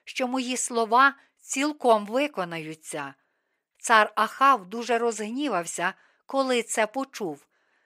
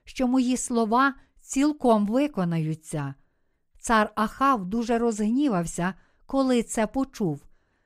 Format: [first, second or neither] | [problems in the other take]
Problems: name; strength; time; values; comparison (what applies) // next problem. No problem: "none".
second | thin; somewhat; fading below 450 Hz